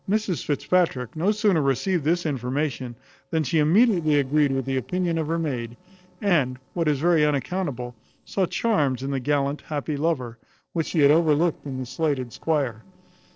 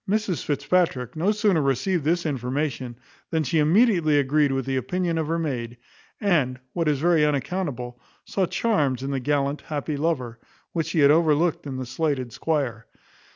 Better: second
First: noise reduction (neural separator model SepFormer DNS4)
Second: none

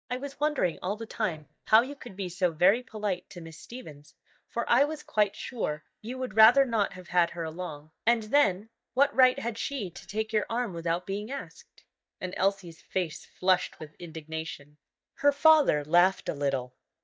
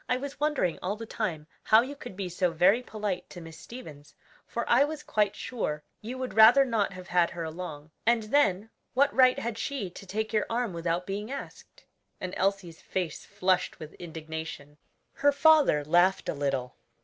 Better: second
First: noise reduction (neural mask model DeepFilterNet 3)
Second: none

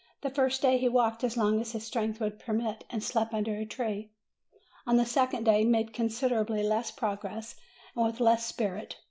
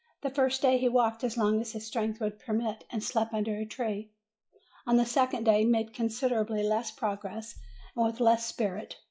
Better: first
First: none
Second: noise reduction (classical method log-MMSE)

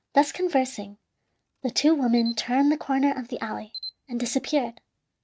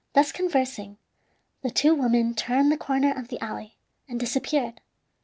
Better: second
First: noise reduction (neural mask model RNNoise)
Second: none

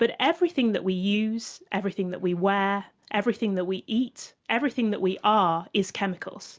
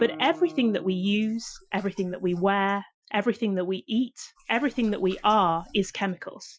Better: first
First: none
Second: noise reduction (classical method Wiener filter)

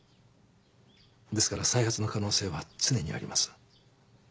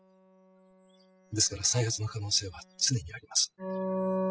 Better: first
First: none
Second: noise reduction (classical method spectral subtraction)

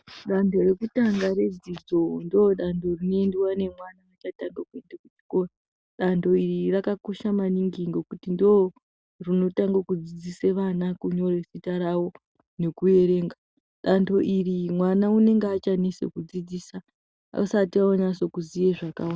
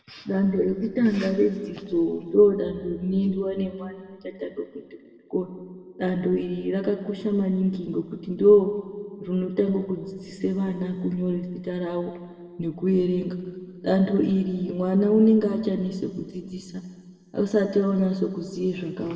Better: first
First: none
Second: room echo; dies away in 1.8 s

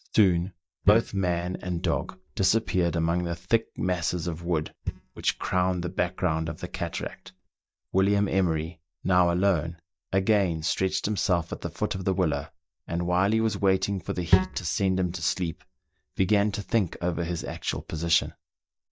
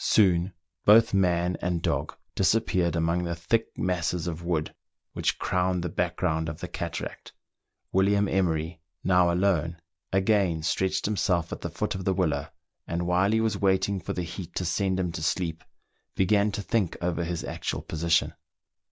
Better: second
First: noise reduction (neural mask model DeepFilterNet 3)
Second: none

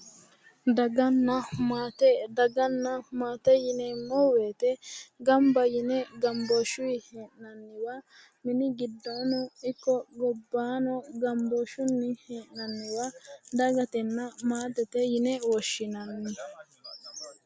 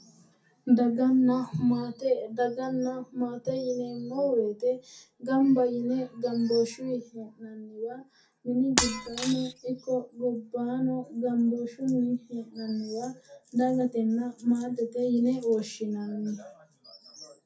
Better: first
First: none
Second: background sound (Shatter); 4 dB below the speech // room echo; dies away in 0.3 s

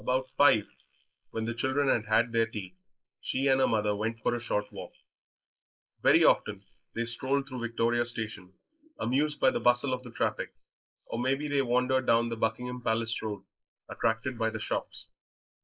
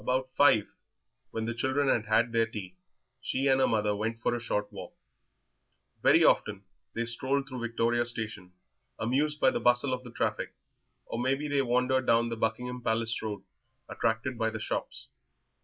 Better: second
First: noise reduction (neural mask model Resemble Enhance denoiser)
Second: none

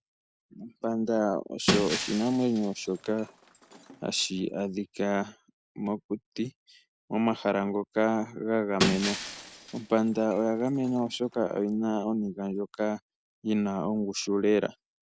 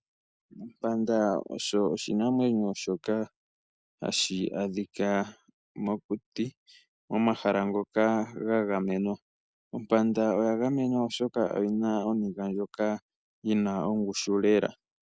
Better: second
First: background sound (Shatter); 6 dB below the speech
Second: none

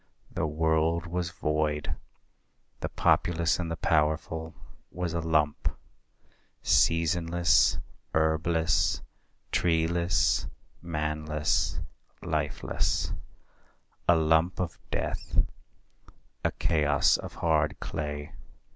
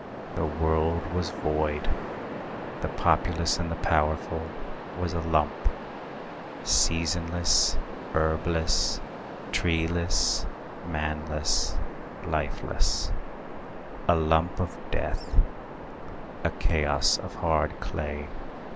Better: first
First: none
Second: background sound (Waves, surf); 10 dB below the speech

